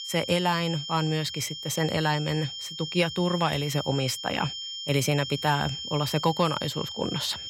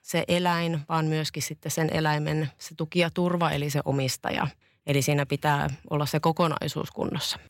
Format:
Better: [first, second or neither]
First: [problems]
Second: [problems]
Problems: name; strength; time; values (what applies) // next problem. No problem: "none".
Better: second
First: high-pitched whine; loud; throughout; 3 kHz, 7 dB below the speech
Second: none